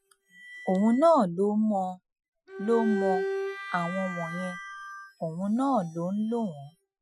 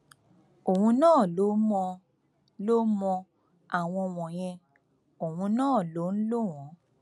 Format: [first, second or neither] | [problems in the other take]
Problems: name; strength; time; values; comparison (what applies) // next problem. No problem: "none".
second | noise reduction (classical method Wiener filter)